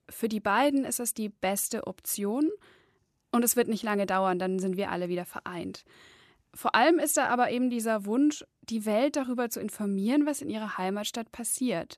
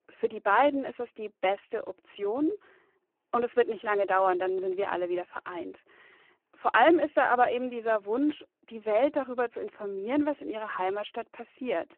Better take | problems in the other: first | phone-call audio; poor line

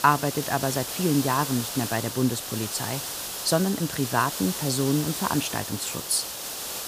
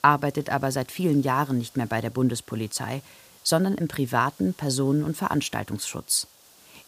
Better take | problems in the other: second | hiss; loud; throughout; 4 dB below the speech; faint in the second

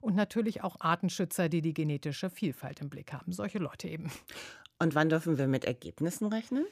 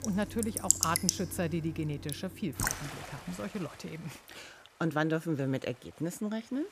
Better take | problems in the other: first | rain or running water; very loud; throughout; 2 dB above the speech

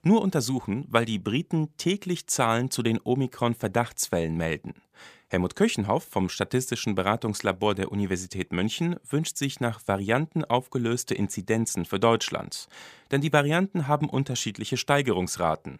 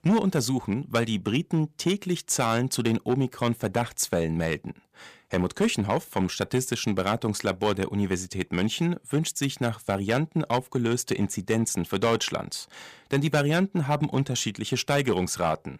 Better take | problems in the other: first | distortion; slight; 4% of the sound clipped

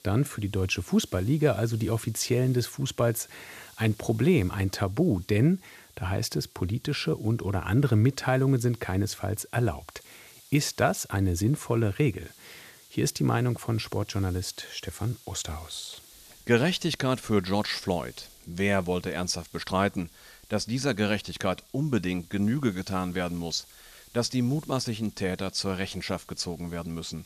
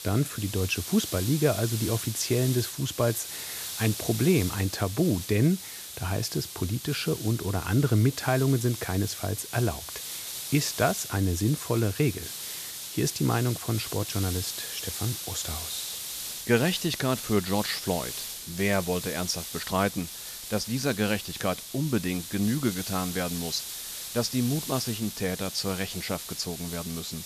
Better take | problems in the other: first | hiss; loud; throughout; 7 dB below the speech; faint in the first

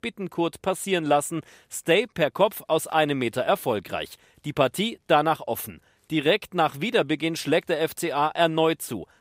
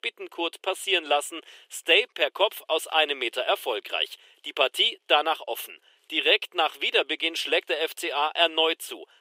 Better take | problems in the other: first | thin; very; fading below 350 Hz

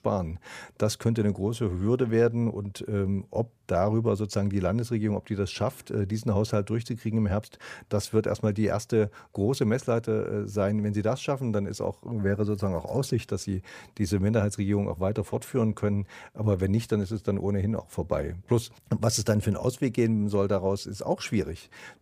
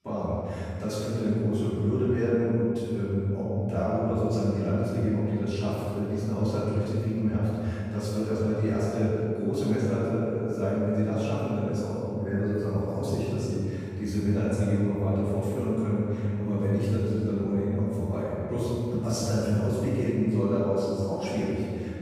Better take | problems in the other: first | off-mic speech; far // room echo; strong; dies away in 2.5 s

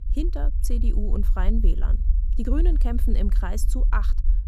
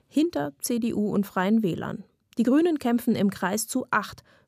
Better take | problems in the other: second | low rumble; noticeable; throughout; 10 dB below the speech

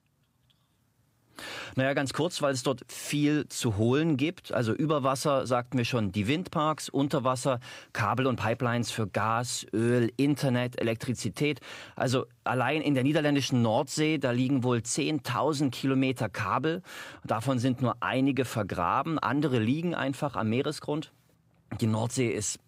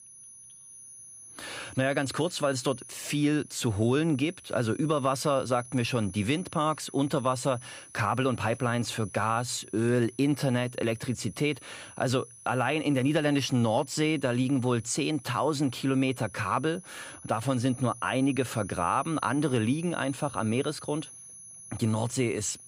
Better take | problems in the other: first | high-pitched whine; noticeable; throughout; 10.5 kHz, 20 dB below the speech

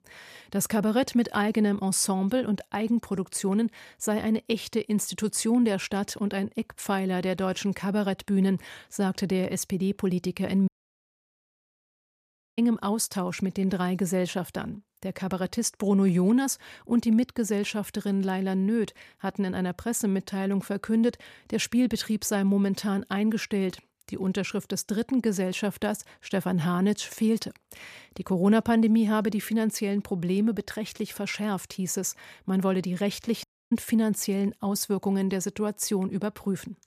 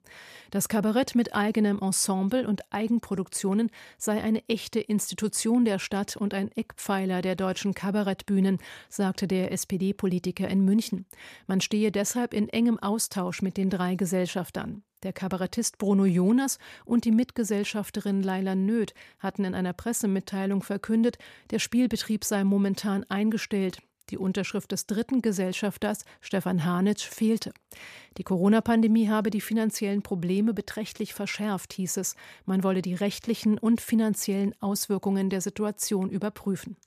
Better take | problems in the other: second | audio cutting out; at 11 s for 2 s and at 33 s

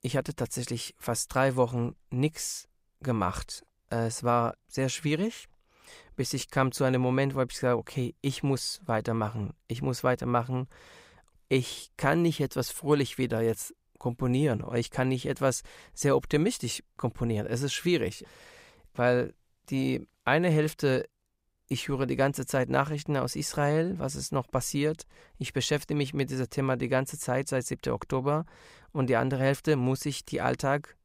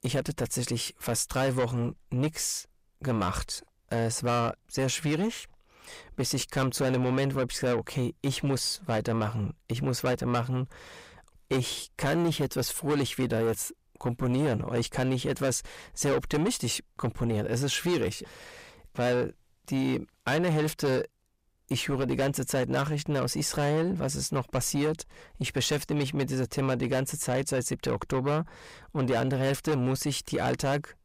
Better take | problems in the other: first | distortion; heavy; 8 dB below the speech

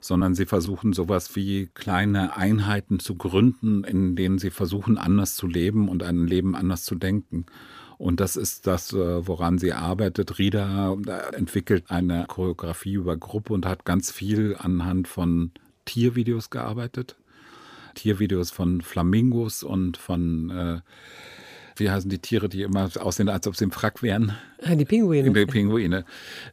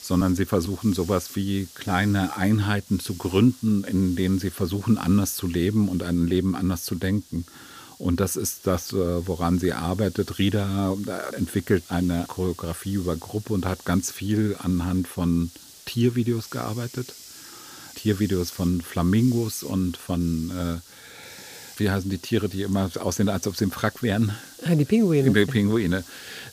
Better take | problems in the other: first | hiss; noticeable; throughout; 20 dB below the speech

